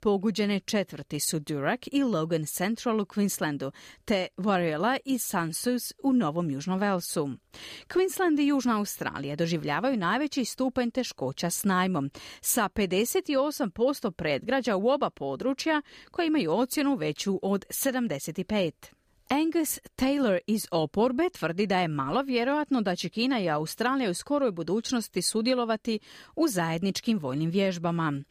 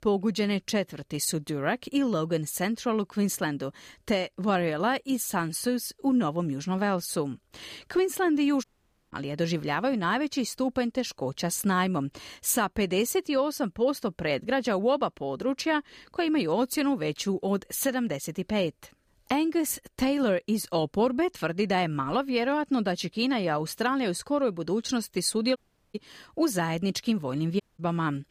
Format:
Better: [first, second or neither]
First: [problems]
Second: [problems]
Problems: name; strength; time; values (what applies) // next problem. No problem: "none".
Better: first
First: none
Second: audio cutting out; at 8.5 s, at 26 s and at 28 s